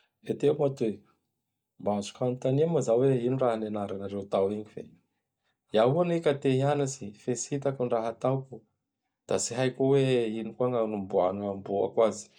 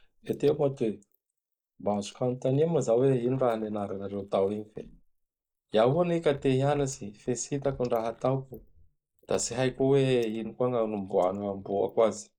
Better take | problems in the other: first | noise reduction (neural mask model Resemble Enhance denoiser)

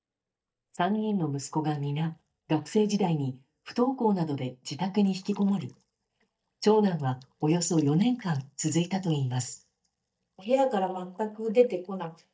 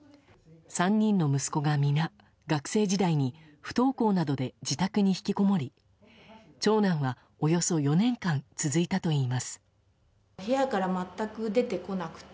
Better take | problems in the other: second | noise reduction (neural mask model DeepFilterNet 3)

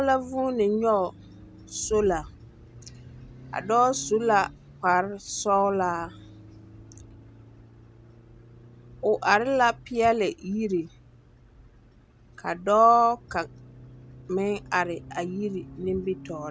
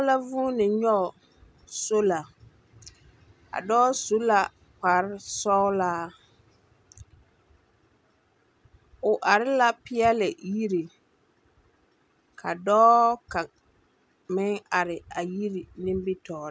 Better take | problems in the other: second | background sound (Accelerating, revving, vroom); 19 dB below the speech

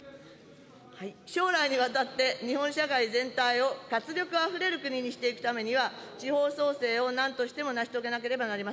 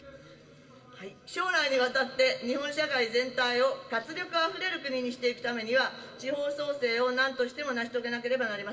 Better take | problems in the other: first | room echo; dies away in 0.2 s

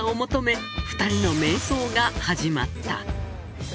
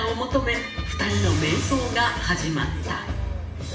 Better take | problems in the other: first | room echo; dies away in 0.8 s

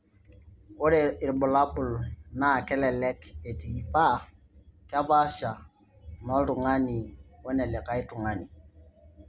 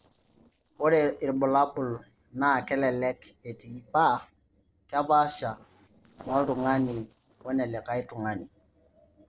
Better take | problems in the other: first | noise reduction (neural separator model SepFormer DNS4)

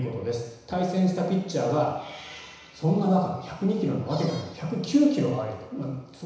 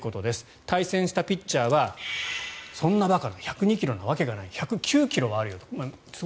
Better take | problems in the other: second | background sound (Squeak); 18 dB below the speech // room echo; dies away in 1 s

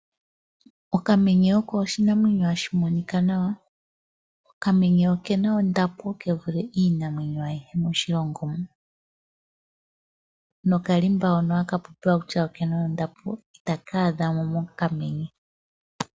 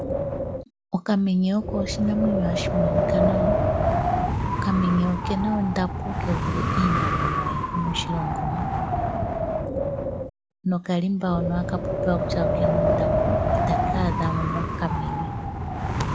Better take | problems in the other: first | background sound (Wind); 2 dB above the speech

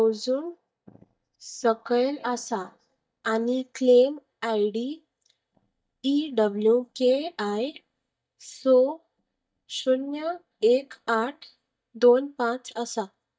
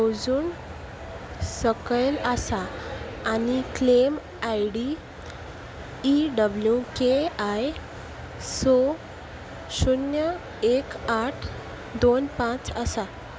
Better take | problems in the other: second | noise reduction (neural mask model DeepFilterNet 3)

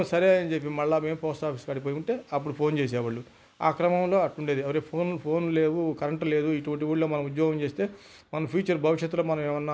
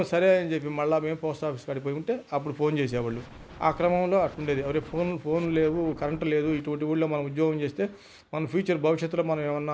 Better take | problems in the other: first | background sound (Scratching (performance technique)); 18 dB below the speech

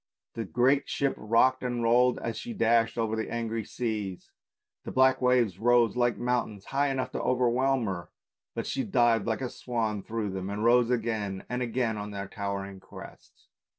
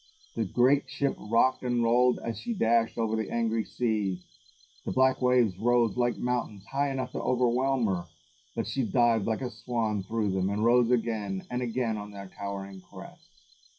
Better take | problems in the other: first | noise reduction (classical method WPE with log-MMSE)

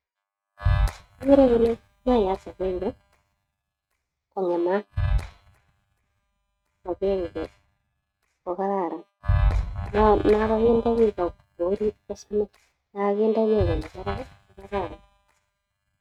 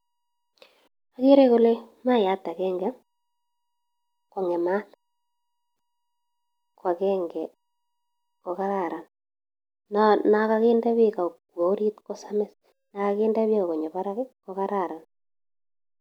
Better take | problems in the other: second | noise reduction (neural mask model RNNoise)

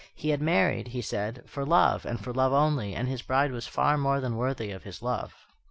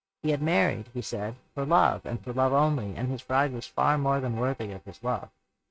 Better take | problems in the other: first | noise reduction (neural mask model RNNoise)

